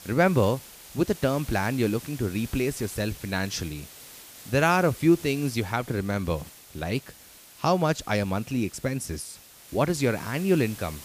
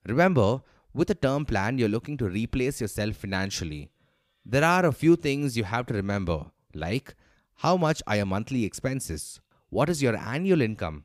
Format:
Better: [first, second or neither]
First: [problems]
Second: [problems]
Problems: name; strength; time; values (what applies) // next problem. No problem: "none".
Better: second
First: hiss; noticeable; throughout; 15 dB below the speech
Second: none